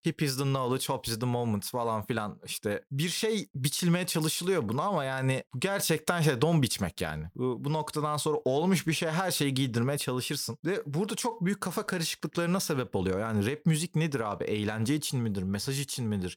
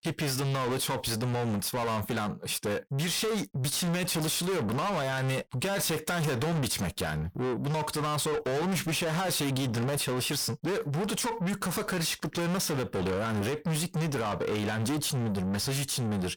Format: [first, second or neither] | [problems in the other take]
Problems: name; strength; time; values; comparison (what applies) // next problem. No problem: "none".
first | distortion; heavy; 6 dB below the speech